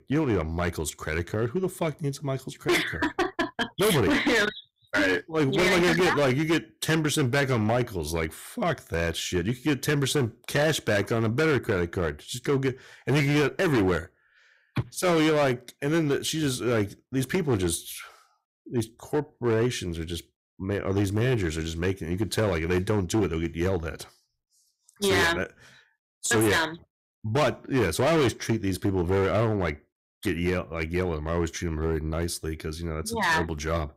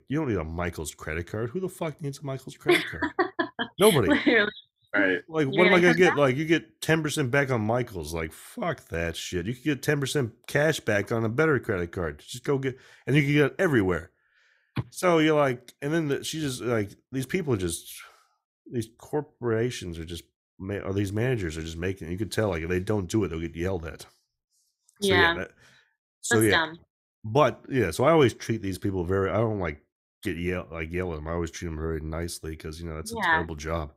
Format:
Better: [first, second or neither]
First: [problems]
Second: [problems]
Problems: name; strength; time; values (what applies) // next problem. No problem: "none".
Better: second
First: distortion; heavy; 11% of the sound clipped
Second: none